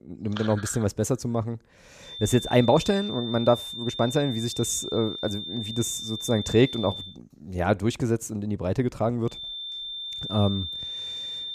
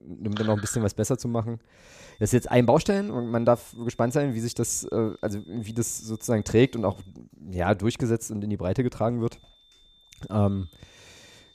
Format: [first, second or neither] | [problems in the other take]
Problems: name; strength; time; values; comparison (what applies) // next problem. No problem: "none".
second | high-pitched whine; loud; from 2 to 7 s and from 9.5 s on; 3.5 kHz, 7 dB below the speech; faint in the second